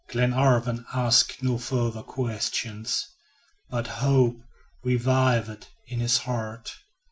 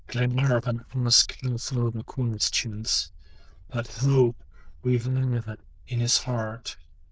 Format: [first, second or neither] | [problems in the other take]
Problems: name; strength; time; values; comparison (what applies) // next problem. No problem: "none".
first | noise reduction (neural diffusion model UNIVERSE++)